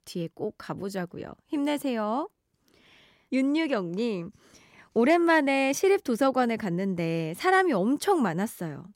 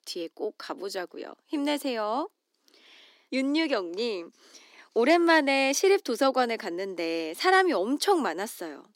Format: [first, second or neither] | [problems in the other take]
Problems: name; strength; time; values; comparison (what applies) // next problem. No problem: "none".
first | thin; very slightly; fading below 250 Hz